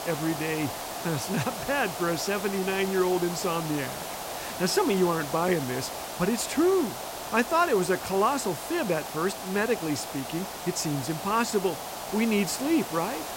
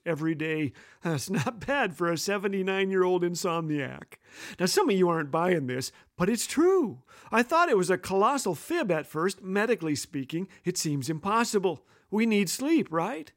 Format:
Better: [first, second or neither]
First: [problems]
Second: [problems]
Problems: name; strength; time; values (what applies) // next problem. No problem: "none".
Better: second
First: hiss; loud; throughout; 7 dB below the speech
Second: none